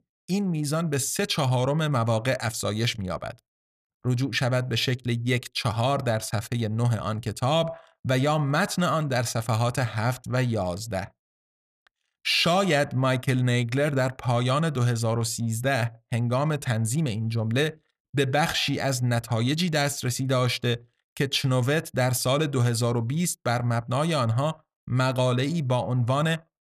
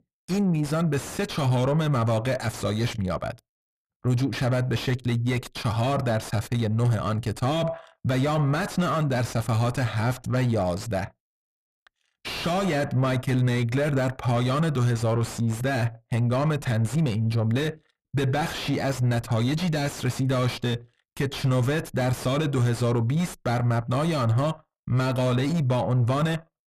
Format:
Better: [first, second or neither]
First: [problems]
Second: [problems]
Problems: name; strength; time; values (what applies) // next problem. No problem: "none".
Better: first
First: none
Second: distortion; heavy; 7 dB below the speech